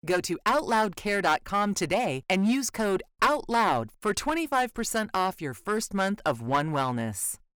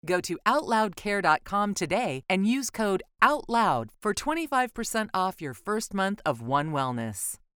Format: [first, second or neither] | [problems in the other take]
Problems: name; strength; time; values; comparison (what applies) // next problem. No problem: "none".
second | distortion; slight; 6% of the sound clipped